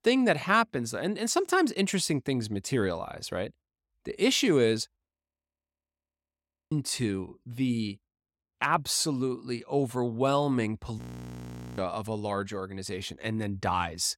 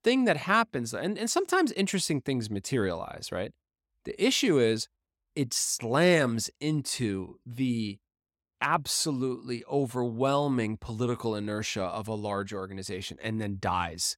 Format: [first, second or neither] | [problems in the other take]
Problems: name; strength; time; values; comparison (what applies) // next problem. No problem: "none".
second | audio freezing; at 5 s for 1.5 s and at 11 s for 1 s